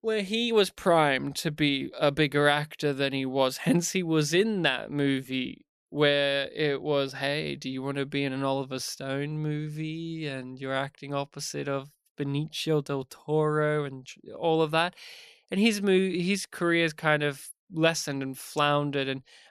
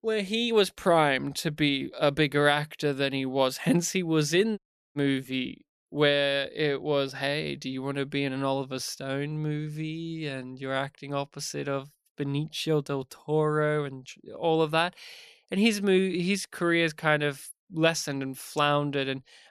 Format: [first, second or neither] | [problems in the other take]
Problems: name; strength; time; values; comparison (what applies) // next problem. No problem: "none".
first | audio cutting out; at 4.5 s